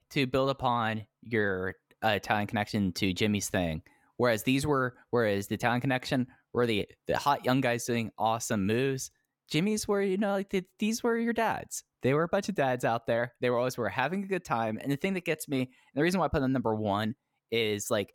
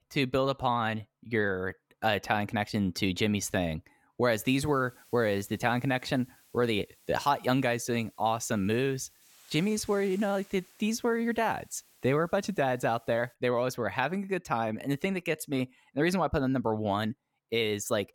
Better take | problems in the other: first | hiss; faint; from 4.5 to 13 s; 25 dB below the speech

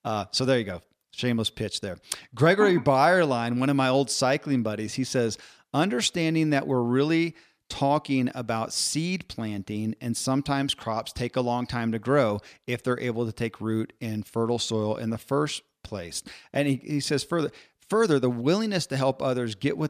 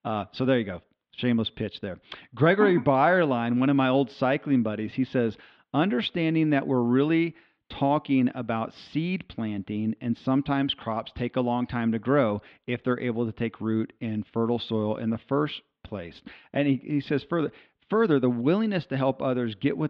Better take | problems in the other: first | muffled; very; fading above 3.5 kHz

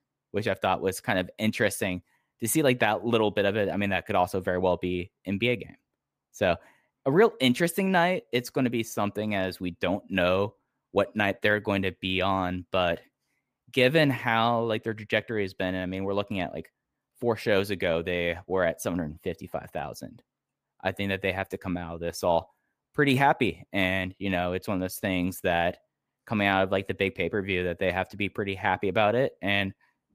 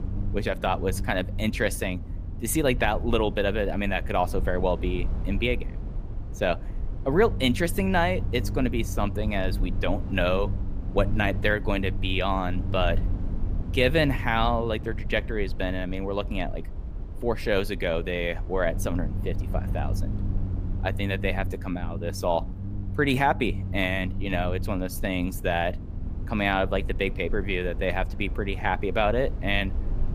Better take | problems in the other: first | low rumble; noticeable; throughout; 20 dB below the speech

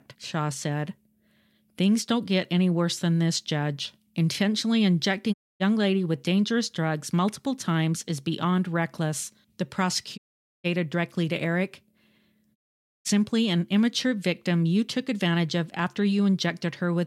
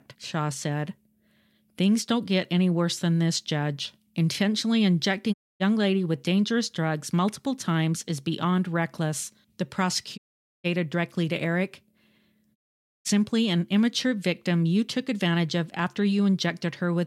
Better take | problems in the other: neither | audio cutting out; at 5.5 s, at 10 s and at 13 s; the same in both

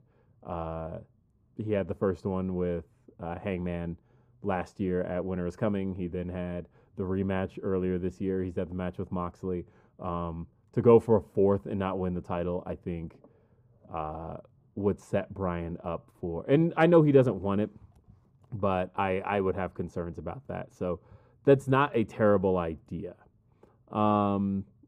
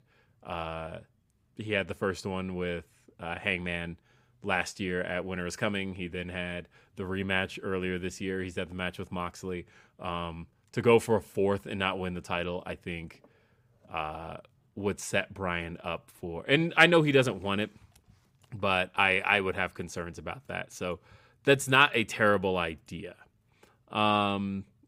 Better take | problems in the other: second | muffled; very; fading above 1 kHz

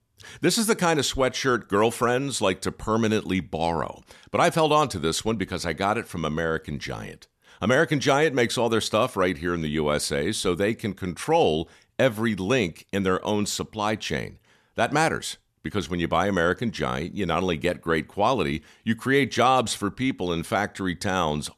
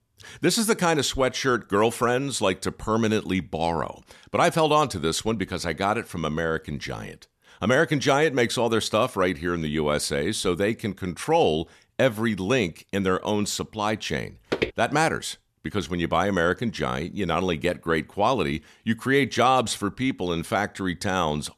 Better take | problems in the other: first | footsteps; noticeable; at 15 s; peak 3 dB below the speech

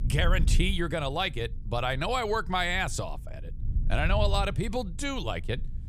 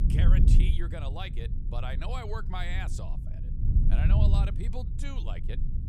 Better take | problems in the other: first | low rumble; loud; throughout; 4 dB below the speech; faint in the first

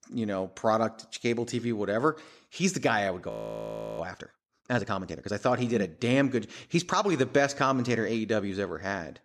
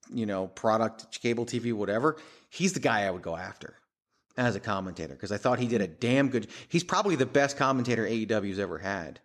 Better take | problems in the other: second | audio freezing; at 3.5 s for 0.5 s

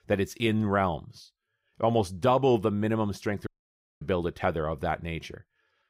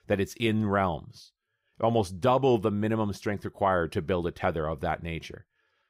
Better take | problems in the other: second | audio cutting out; at 3.5 s for 0.5 s

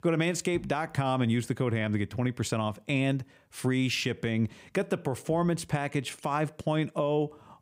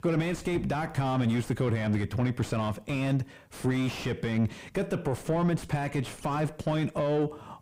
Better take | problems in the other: first | distortion; heavy; 6 dB below the speech

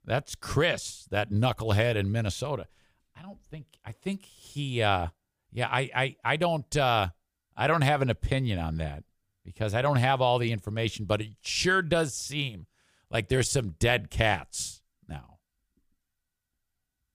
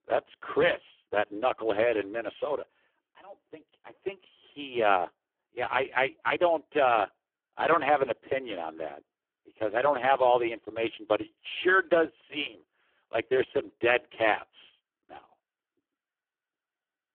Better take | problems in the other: first | phone-call audio; poor line

